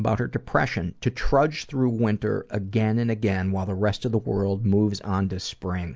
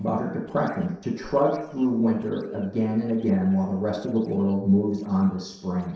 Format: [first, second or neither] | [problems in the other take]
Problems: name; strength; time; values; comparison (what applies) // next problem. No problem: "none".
first | noise reduction (neural separator model SepFormer DNS4)